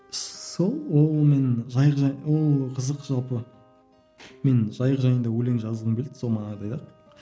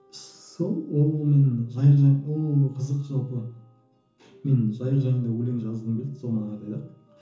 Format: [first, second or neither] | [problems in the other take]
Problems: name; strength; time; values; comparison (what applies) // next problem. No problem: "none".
first | room echo; dies away in 0.7 s